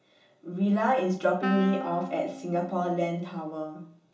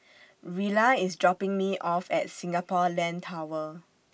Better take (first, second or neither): second